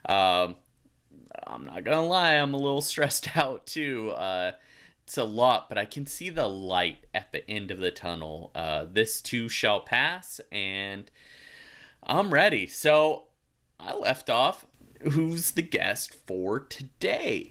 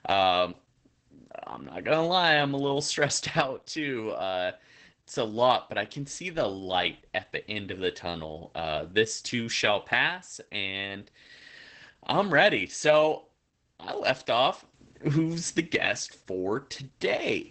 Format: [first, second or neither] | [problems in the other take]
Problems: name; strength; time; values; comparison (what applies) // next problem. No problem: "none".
first | garbled, watery; badly; nothing above 8 kHz; slightly in the first